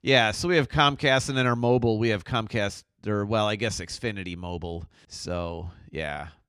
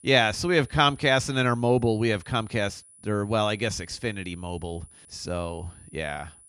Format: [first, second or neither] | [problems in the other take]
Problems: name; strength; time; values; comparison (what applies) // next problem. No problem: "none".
first | high-pitched whine; faint; throughout; 10 kHz, 25 dB below the speech